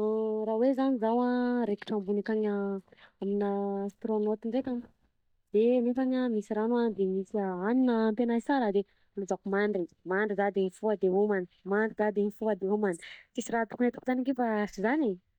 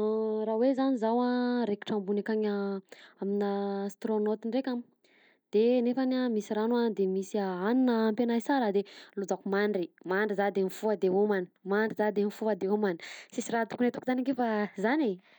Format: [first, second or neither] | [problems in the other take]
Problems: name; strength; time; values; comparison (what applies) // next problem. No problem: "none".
second | noise reduction (neural mask model DeepFilterNet 3)